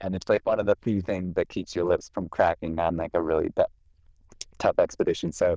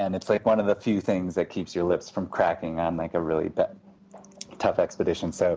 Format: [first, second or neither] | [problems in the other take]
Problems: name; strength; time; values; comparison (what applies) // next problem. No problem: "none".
second | noise reduction (neural diffusion model UNIVERSE++)